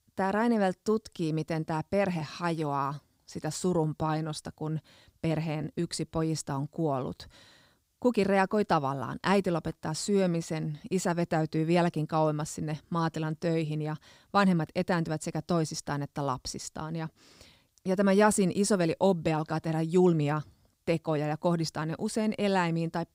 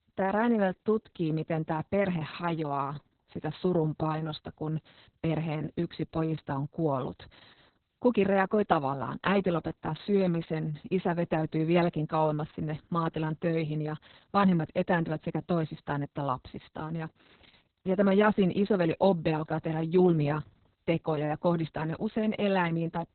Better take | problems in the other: first | garbled, watery; badly; nothing above 4 kHz

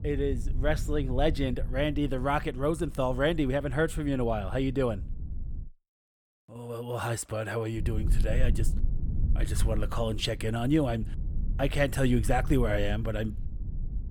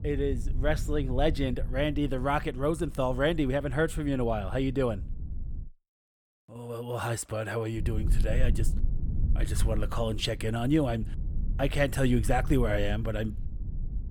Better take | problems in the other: neither | low rumble; noticeable; until 5.5 s and from 8 s on; 20 dB below the speech; the same in both

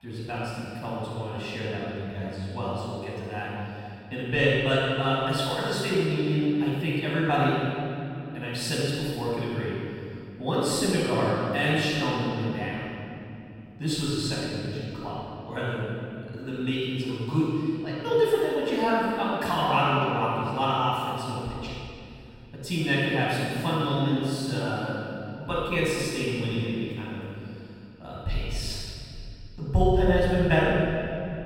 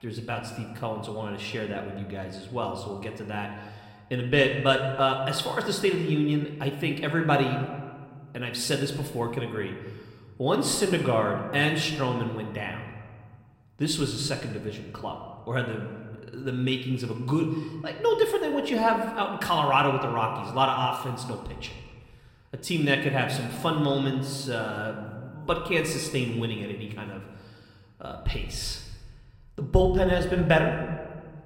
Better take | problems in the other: second | room echo; strong; dies away in 2.7 s; slight in the second // off-mic speech; far

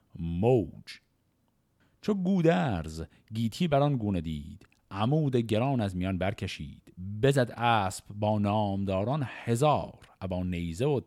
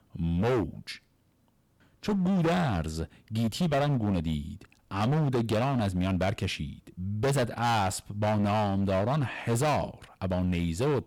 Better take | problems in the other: first | distortion; heavy; 17% of the sound clipped

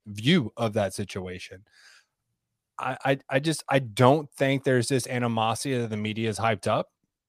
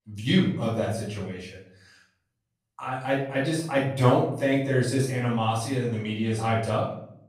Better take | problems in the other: first | room echo; noticeable; dies away in 0.6 s // off-mic speech; far

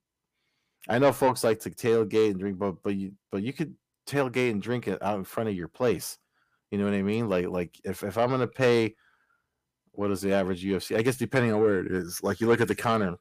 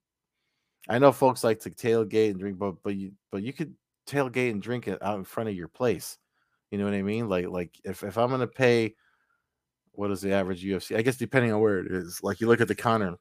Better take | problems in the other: second | distortion; slight; 10 dB below the speech

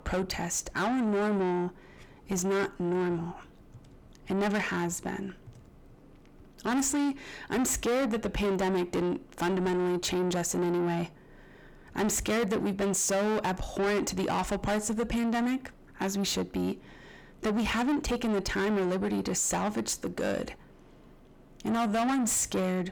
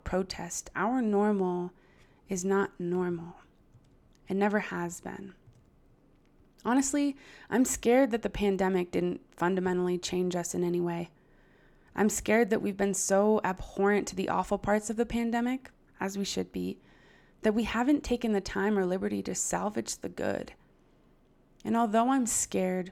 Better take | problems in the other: second | distortion; heavy; 6 dB below the speech

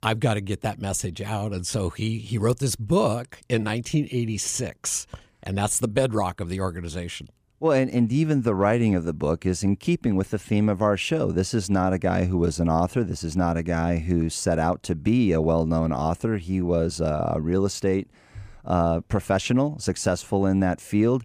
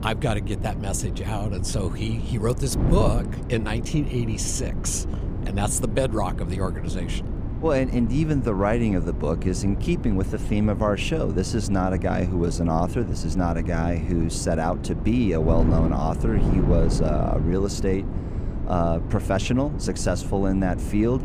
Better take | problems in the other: first | wind noise on the microphone; heavy; 10 dB below the speech

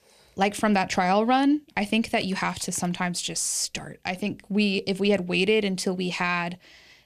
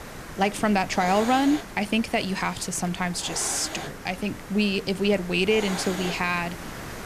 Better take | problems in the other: first | hiss; noticeable; throughout; 10 dB below the speech

